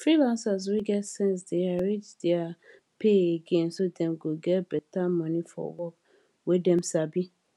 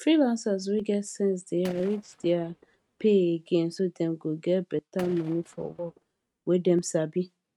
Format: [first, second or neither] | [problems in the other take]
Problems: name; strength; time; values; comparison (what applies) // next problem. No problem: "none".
first | noise reduction (neural mask model RNNoise)